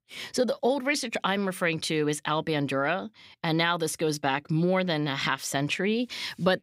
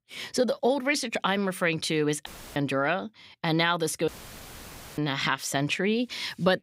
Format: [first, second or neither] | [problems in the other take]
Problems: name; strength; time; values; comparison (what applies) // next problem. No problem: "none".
first | audio cutting out; filled with static; at 2.5 s and at 4 s for 1 s